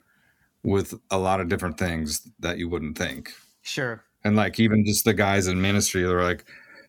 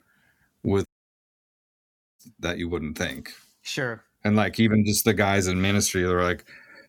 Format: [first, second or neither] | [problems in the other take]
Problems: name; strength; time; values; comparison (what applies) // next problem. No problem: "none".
first | audio cutting out; at 1 s for 1.5 s